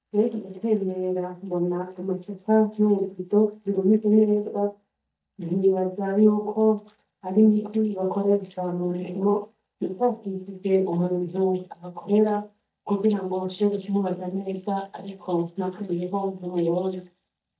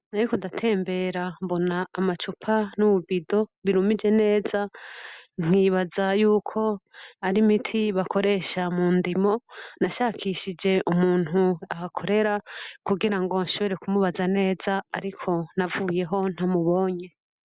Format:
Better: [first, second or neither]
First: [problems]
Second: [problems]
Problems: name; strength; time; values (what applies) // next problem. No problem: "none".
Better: second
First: noise reduction (neural mask model DeepFilterNet 3)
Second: none